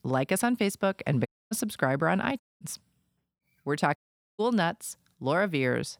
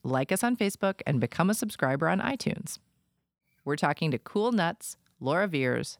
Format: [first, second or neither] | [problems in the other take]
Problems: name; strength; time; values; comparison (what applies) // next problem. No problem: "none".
second | audio cutting out; at 1.5 s, at 2.5 s and at 4 s